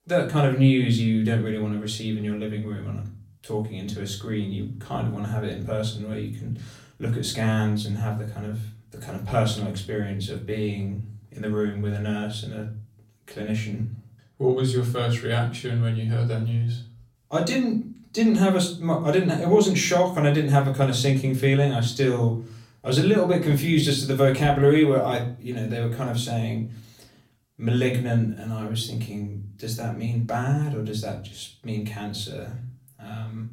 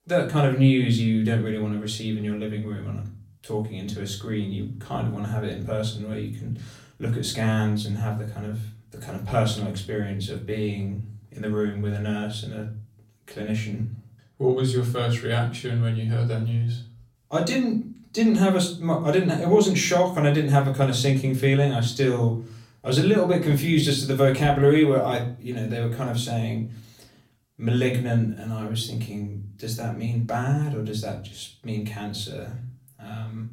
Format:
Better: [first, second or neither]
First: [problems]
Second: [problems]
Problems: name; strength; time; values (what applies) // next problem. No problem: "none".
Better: neither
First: off-mic speech; far // room echo; slight; dies away in 0.4 s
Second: off-mic speech; far // room echo; slight; dies away in 0.4 s